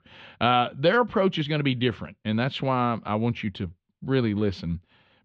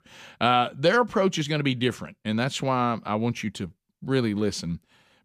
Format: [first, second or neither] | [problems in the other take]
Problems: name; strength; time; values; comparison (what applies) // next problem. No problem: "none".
second | muffled; slightly; fading above 3.5 kHz